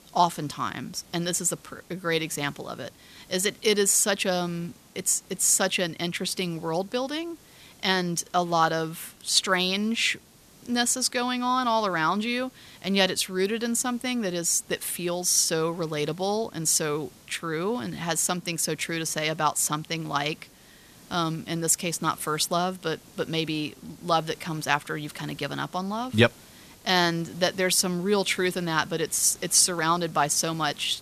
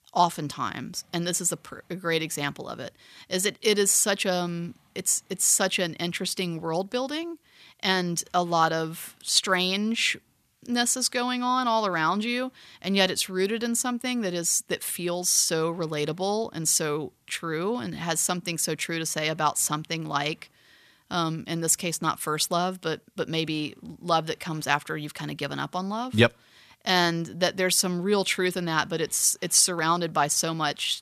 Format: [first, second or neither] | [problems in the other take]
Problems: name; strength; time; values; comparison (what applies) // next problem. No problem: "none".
second | hiss; faint; throughout; 25 dB below the speech